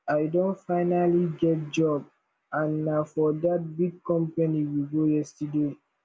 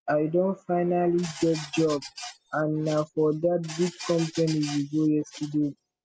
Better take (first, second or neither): first